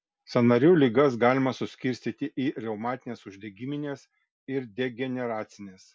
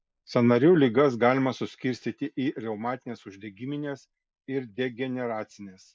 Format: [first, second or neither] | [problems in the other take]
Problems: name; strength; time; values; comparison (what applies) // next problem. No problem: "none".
first | noise reduction (neural mask model Resemble Enhance denoiser)